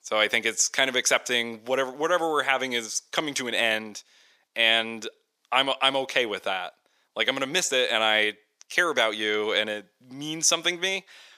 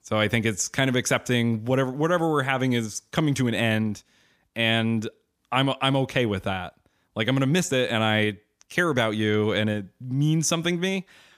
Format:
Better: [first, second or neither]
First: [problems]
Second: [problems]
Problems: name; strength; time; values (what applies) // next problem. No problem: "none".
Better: second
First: thin; very; fading below 550 Hz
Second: none